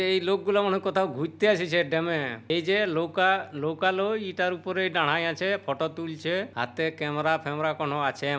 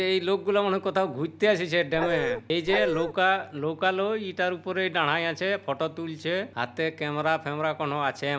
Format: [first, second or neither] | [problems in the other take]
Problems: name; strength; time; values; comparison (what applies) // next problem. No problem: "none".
first | background sound (Dog); 2 dB below the speech